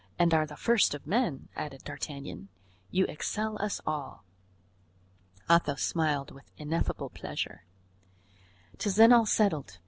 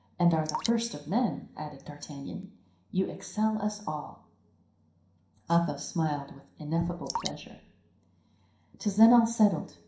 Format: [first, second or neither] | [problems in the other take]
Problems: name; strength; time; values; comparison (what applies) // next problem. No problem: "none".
first | background sound (Drip); 12 dB below the speech // room echo; dies away in 0.5 s